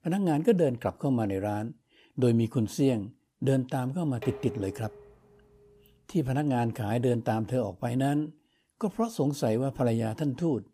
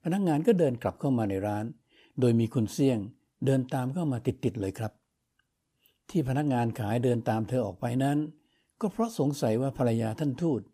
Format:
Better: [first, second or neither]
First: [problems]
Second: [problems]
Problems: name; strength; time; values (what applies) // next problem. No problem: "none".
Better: second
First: clattering dishes; faint; at 4 s; peak 10 dB below the speech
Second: none